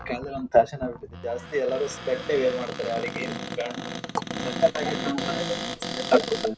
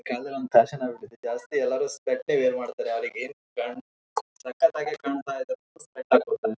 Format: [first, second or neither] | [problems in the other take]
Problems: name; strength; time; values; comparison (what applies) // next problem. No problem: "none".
second | background sound (Cupboard open or close); 7 dB below the speech